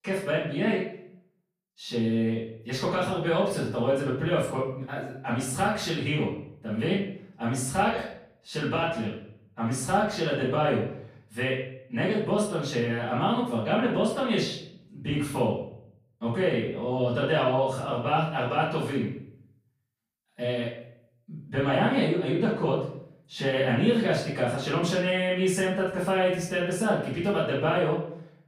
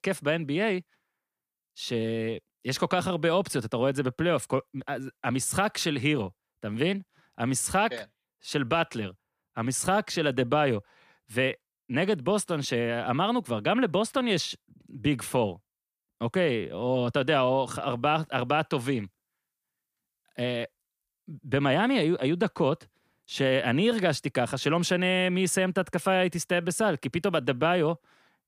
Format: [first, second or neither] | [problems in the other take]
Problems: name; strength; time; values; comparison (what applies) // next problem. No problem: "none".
second | room echo; noticeable; dies away in 0.6 s // off-mic speech; far